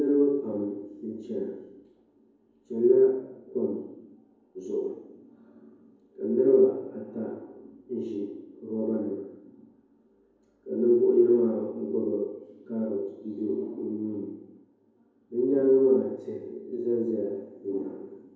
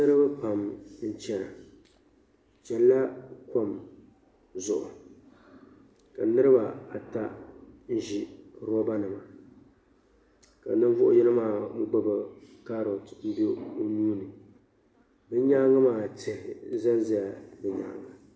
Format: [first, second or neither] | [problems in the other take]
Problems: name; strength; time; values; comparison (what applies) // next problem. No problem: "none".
second | room echo; dies away in 0.9 s